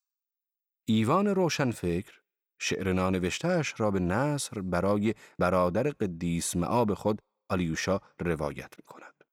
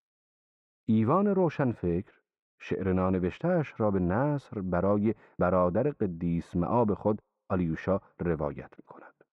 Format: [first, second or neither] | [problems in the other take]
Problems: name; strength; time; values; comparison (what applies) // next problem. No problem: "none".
first | muffled; very; fading above 4 kHz